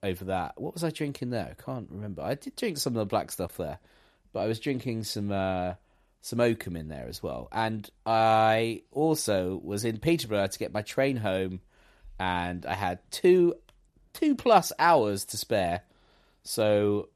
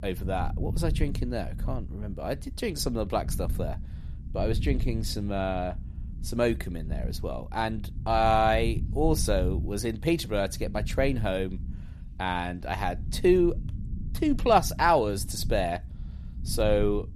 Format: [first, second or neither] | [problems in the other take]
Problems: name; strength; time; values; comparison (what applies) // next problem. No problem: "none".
first | low rumble; faint; throughout; 20 dB below the speech